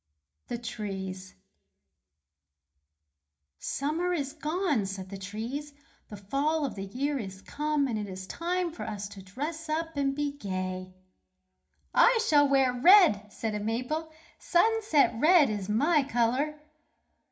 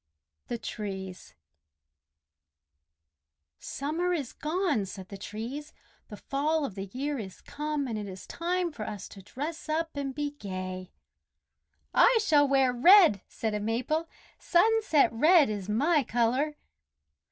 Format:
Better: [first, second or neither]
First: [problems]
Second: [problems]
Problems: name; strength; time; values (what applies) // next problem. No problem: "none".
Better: second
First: room echo; dies away in 0.4 s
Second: none